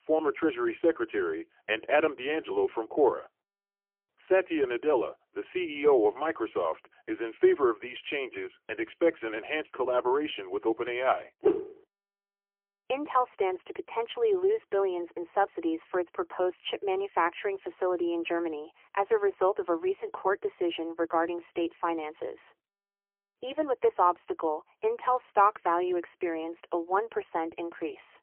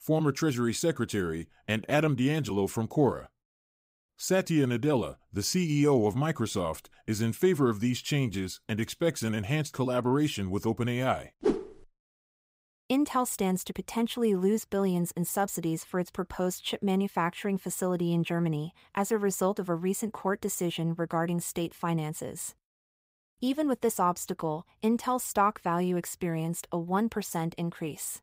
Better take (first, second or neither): second